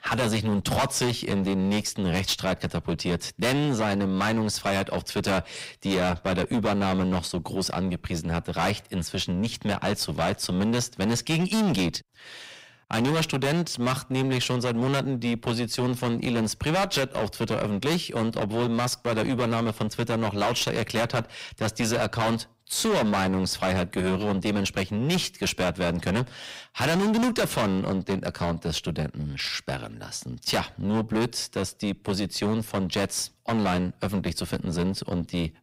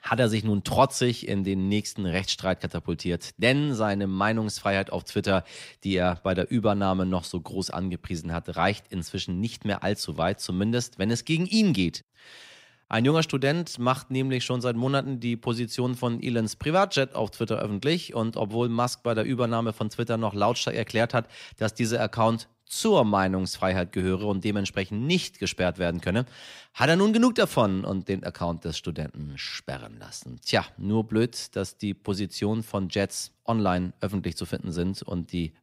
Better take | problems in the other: second | distortion; heavy; 20% of the sound clipped

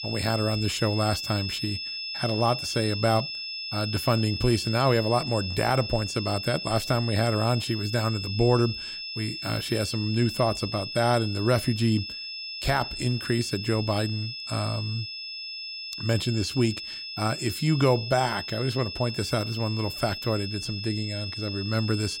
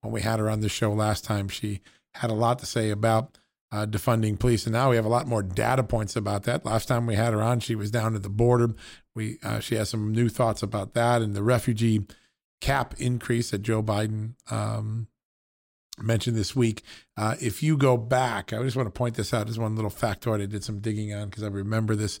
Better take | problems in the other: second | high-pitched whine; loud; throughout; 5 kHz, 6 dB below the speech

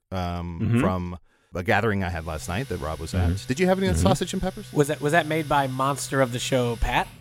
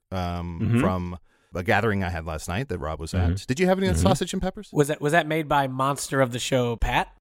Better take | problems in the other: second | household noises; noticeable; from 2 s on; 15 dB below the speech

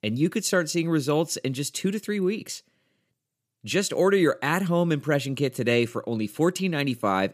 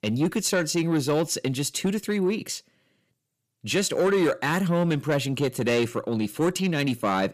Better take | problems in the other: first | distortion; slight; 10 dB below the speech

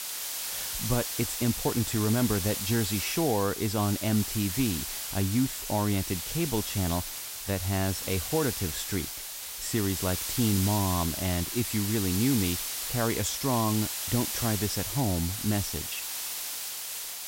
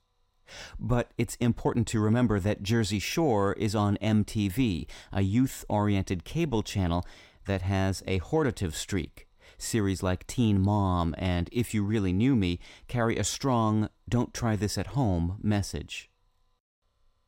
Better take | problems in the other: second | hiss; loud; throughout; 2 dB below the speech

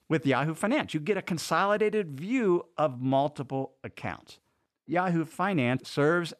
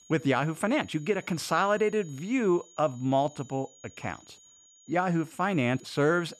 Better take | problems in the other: first | high-pitched whine; faint; throughout; 6.5 kHz, 25 dB below the speech

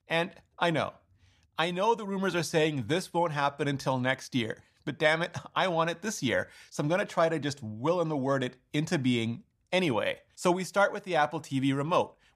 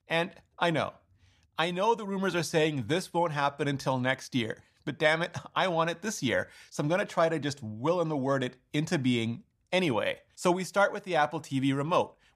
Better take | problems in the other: neither | none

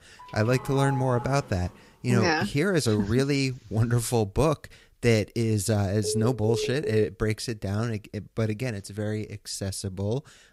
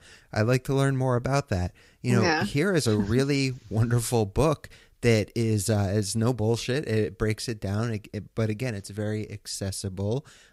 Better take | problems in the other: second | doorbell; noticeable; until 2 s; peak 8 dB below the speech // phone ringing; noticeable; from 6 to 7 s; peak 5 dB below the speech

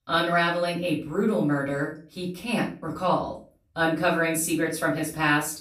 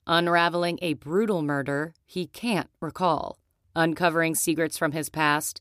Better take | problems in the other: second | off-mic speech; far // room echo; slight; dies away in 0.3 s

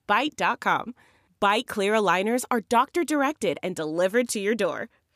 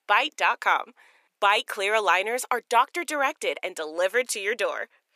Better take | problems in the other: first | thin; very; fading below 500 Hz

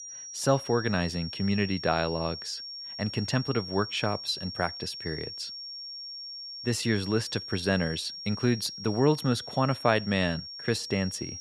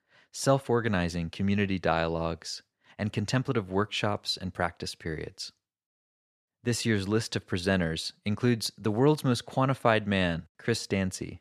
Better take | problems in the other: second | high-pitched whine; loud; throughout; 5.5 kHz, 9 dB below the speech

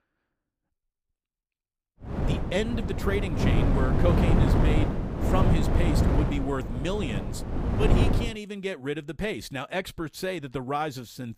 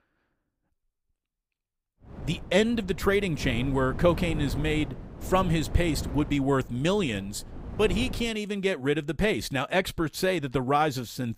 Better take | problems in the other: second | wind noise on the microphone; heavy; from 2 to 8 s; as loud as the speech; occasional gusts in the second

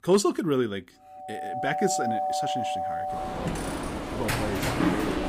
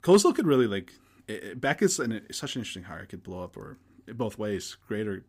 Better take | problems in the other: second | alarms or sirens; very loud; from 1.5 s on; 1 dB above the speech

